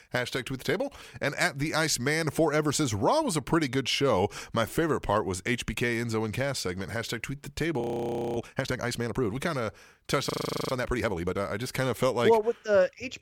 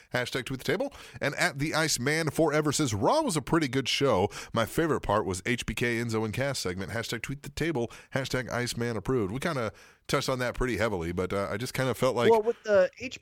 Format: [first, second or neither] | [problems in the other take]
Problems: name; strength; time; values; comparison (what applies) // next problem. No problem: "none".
second | audio freezing; at 8 s for 0.5 s and at 10 s